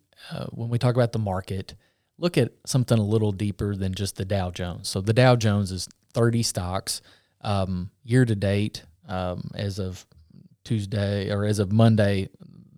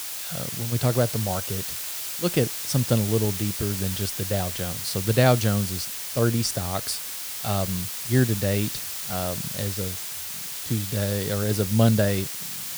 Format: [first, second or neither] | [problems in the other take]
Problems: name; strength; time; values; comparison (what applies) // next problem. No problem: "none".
first | hiss; loud; throughout; 4 dB below the speech